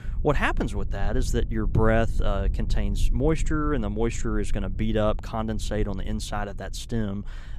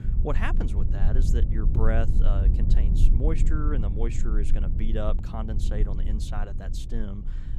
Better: first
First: low rumble; faint; throughout; 20 dB below the speech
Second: low rumble; loud; throughout; 7 dB below the speech

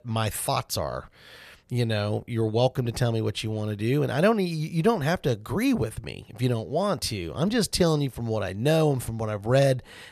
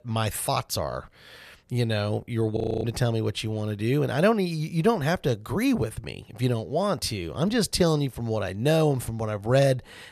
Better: first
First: none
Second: audio freezing; at 2.5 s

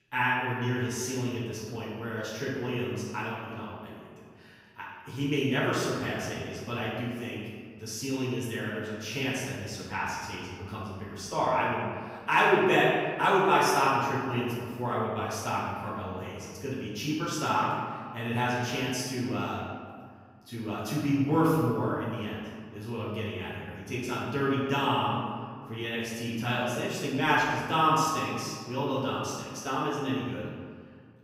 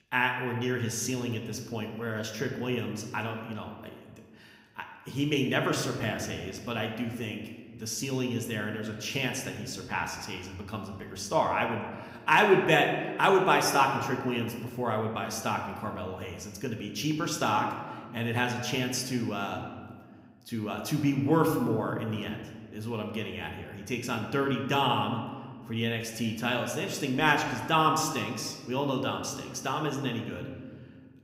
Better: second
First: room echo; strong; dies away in 1.7 s // off-mic speech; far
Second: room echo; slight; dies away in 1.3 s

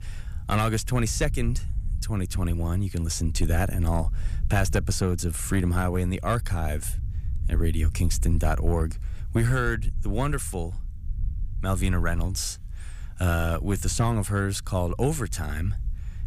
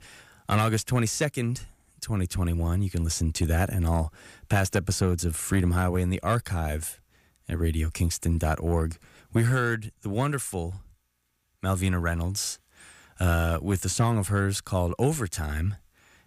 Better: second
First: low rumble; faint; throughout; 20 dB below the speech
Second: none

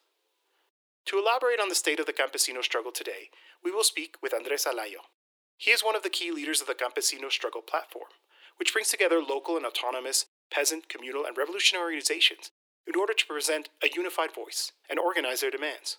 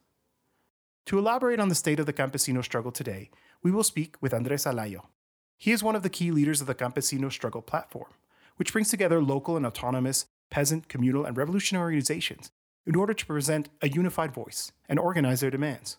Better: second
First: thin; very; fading below 350 Hz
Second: none

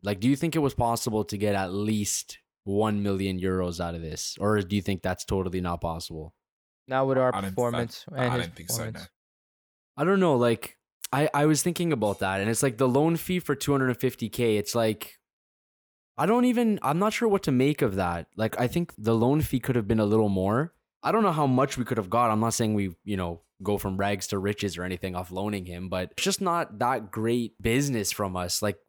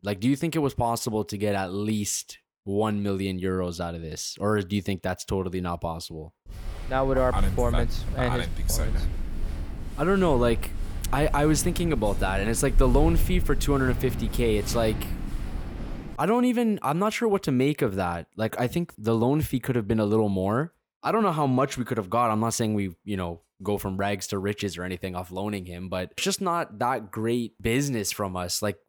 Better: first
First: none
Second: footsteps; loud; from 6.5 to 16 s; peak level with the speech

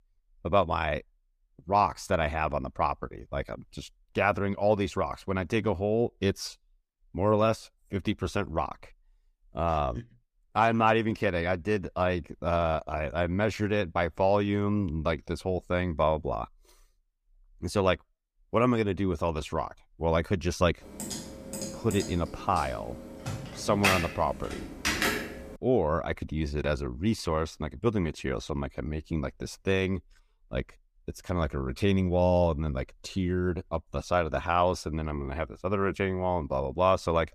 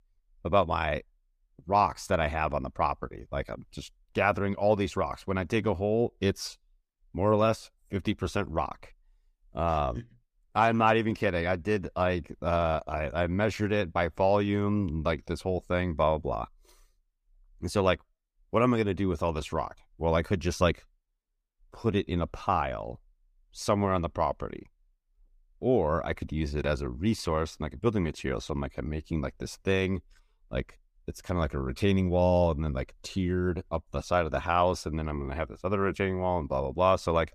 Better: second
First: keyboard typing; loud; from 21 to 25 s; peak 3 dB above the speech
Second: none

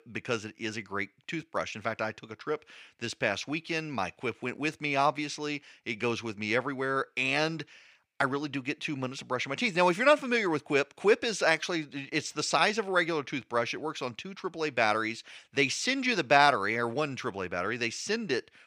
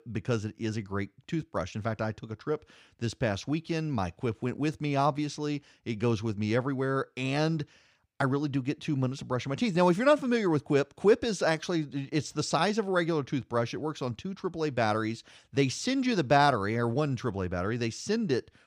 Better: second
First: thin; somewhat; fading below 1 kHz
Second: none

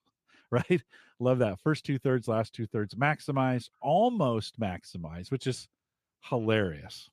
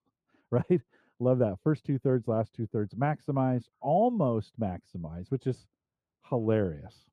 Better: first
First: none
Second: muffled; very; fading above 1.5 kHz

